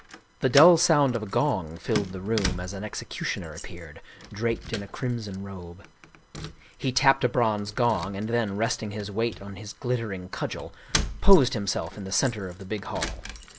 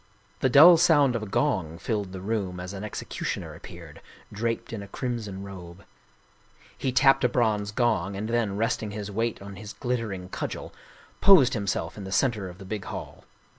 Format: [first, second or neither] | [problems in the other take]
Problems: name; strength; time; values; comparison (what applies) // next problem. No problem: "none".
second | background sound (Keys jangling); 12 dB below the speech